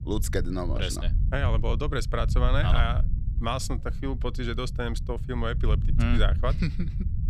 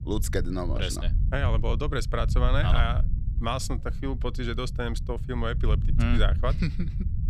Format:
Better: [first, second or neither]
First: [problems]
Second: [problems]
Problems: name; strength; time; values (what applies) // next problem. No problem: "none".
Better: neither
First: low rumble; noticeable; throughout; 15 dB below the speech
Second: low rumble; noticeable; throughout; 15 dB below the speech